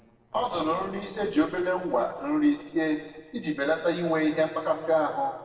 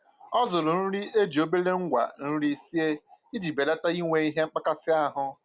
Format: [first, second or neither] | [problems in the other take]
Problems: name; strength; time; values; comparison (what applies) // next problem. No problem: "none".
second | noise reduction (neural separator model SepFormer DNS4)